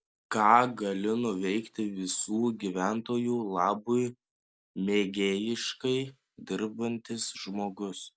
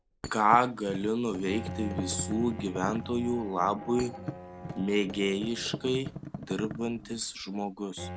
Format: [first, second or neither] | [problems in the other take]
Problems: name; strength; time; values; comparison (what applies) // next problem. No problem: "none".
first | background sound (Bowed string instrument + Thump, thud); 9 dB below the speech